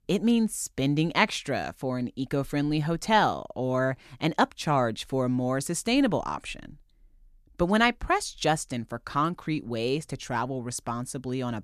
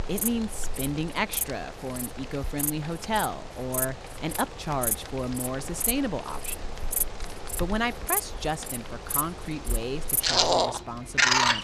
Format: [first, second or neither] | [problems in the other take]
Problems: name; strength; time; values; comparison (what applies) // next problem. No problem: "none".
first | animal sounds; very loud; throughout; 4 dB above the speech